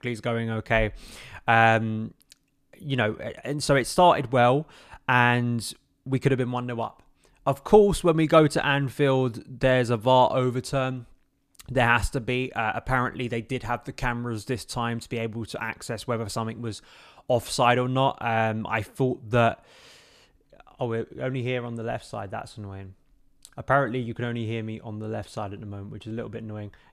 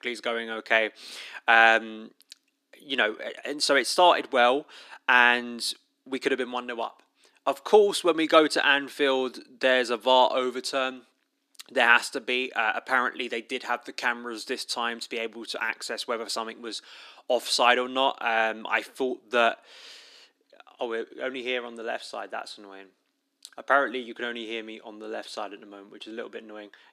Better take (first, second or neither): first